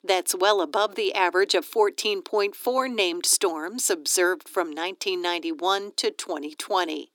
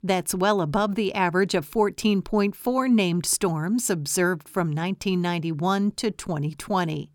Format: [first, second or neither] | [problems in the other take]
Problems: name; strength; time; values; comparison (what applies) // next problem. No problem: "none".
second | thin; very; fading below 300 Hz